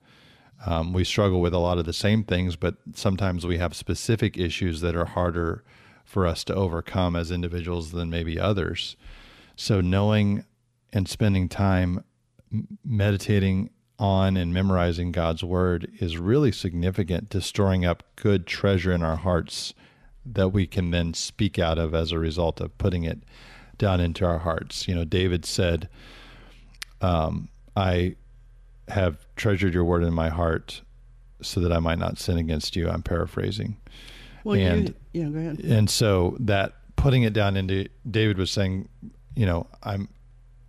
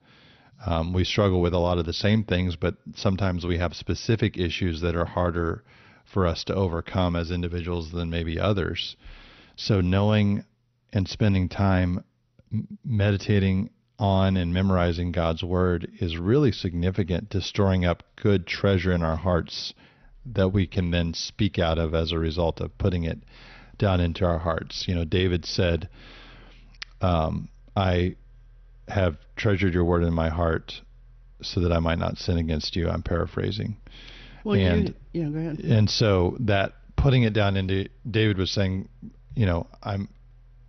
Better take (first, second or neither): first